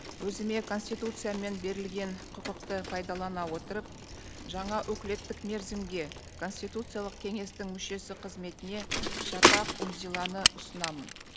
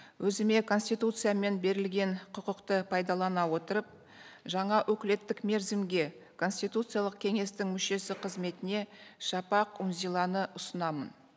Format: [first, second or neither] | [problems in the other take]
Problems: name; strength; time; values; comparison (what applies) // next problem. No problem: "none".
second | background sound (Bicycle); 2 dB above the speech